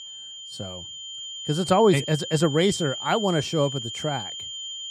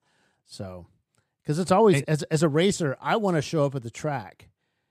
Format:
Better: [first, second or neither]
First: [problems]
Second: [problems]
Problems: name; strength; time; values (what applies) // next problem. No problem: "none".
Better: second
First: high-pitched whine; loud; throughout; 3 kHz, 9 dB below the speech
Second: none